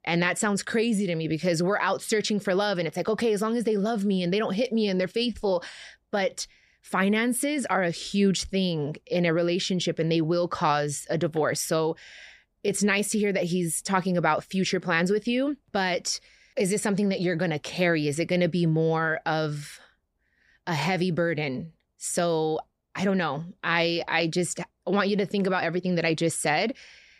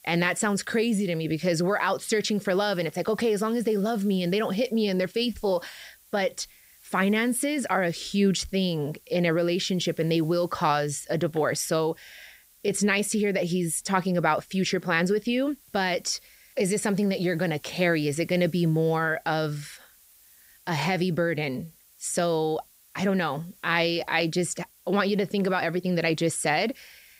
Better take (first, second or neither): first